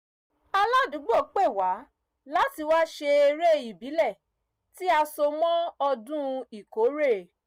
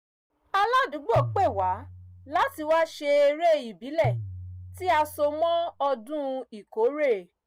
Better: first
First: none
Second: background sound (Tabla); 10 dB below the speech

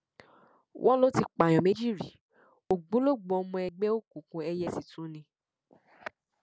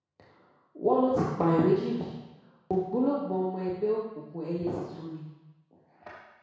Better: first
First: none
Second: room echo; dies away in 1.1 s

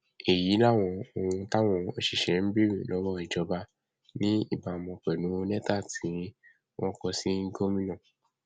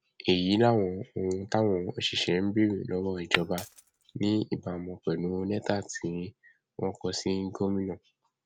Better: first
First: none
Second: background sound (Glass); 5 dB below the speech

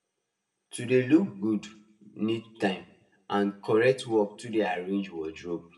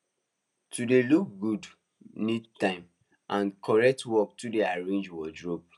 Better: second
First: room echo; dies away in 0.5 s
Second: none

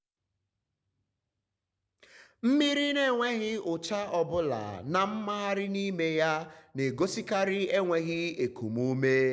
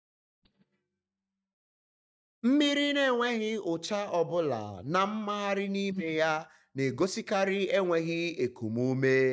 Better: first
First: none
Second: noise reduction (neural mask model DeepFilterNet 3)

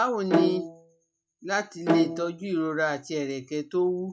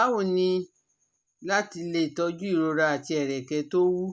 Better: second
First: noise reduction (classical method log-MMSE)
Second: none

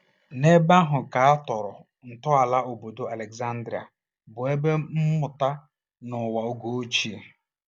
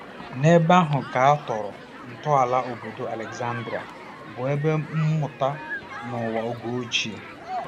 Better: first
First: none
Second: background sound (Human group actions); 13 dB below the speech

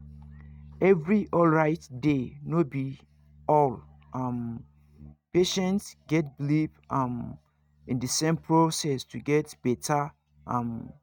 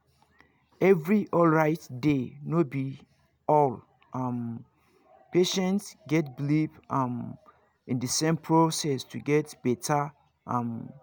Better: second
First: noise reduction (neural mask model RNNoise)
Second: none

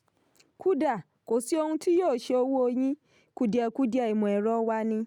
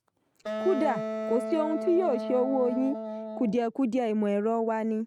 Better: first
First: none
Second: noise reduction (neural mask model RNNoise)

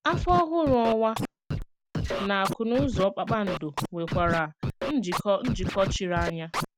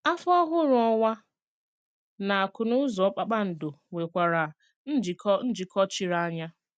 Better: second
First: background sound (Scratching (performance technique)); 5 dB below the speech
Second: none

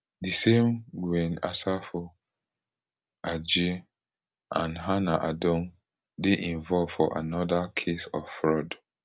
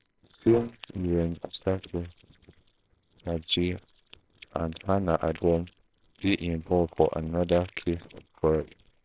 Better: first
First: none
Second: noise reduction (neural separator model SepFormer WHAMR!)

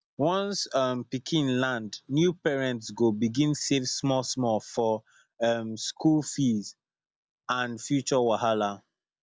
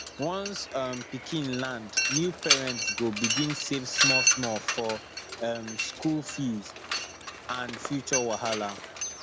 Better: first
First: none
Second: background sound (Mechanisms); 1 dB above the speech

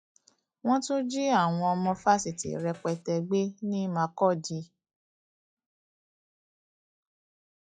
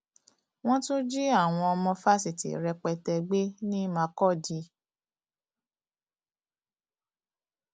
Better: second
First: noise reduction (classical method log-MMSE)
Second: none

